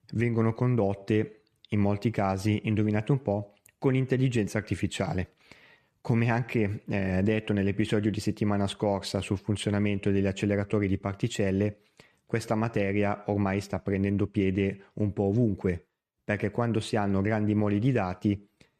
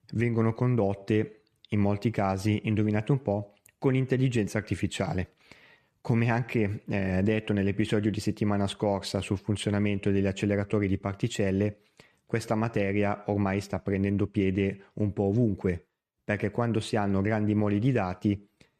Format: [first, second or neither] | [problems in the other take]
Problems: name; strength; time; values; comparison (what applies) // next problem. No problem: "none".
neither | none